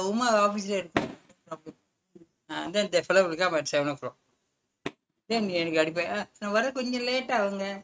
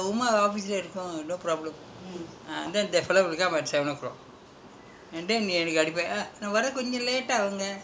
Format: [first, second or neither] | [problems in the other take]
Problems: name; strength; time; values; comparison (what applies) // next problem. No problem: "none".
second | noise reduction (neural mask model RNNoise)